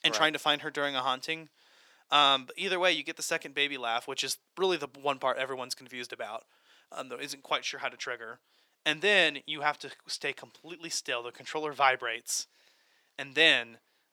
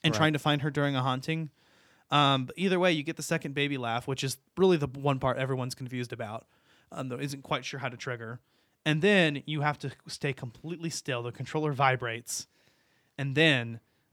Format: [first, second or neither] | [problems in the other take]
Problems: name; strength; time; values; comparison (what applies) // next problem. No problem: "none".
second | thin; very; fading below 500 Hz